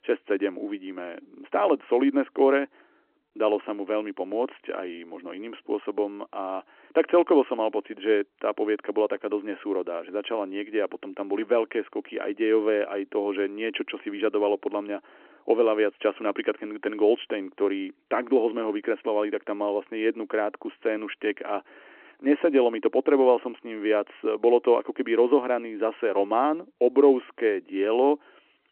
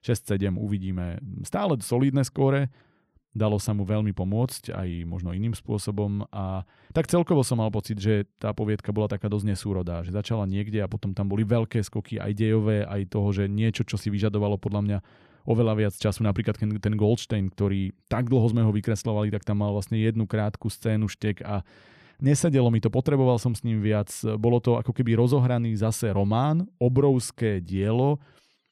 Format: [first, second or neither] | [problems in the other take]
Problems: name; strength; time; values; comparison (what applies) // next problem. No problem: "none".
second | phone-call audio